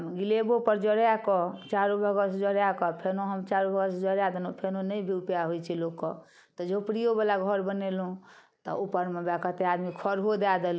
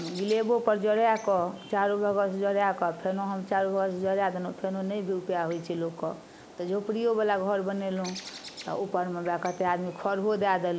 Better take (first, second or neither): first